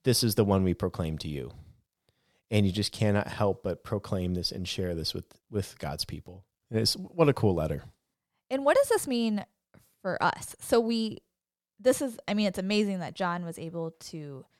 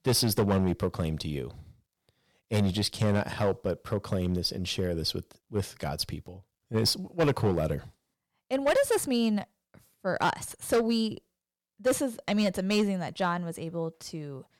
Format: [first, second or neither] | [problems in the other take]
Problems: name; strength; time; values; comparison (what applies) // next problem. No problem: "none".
first | distortion; slight; 4% of the sound clipped